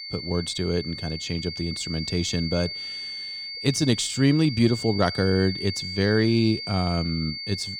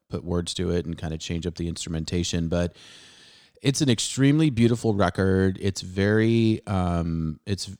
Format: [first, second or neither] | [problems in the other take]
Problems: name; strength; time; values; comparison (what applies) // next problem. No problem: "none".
second | high-pitched whine; loud; throughout; 4.5 kHz, 7 dB below the speech